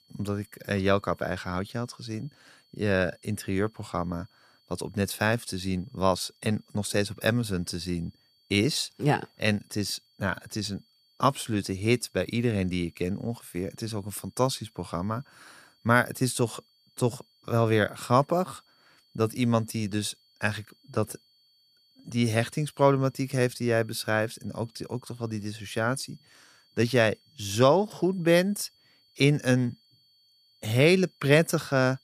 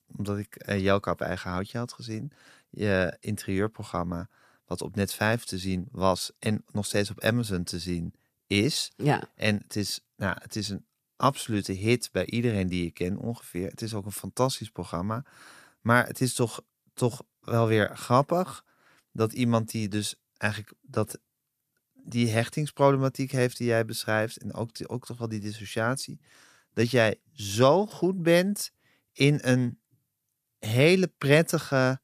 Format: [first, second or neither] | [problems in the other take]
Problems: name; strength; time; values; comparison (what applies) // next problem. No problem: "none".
second | high-pitched whine; faint; throughout; 4.5 kHz, 35 dB below the speech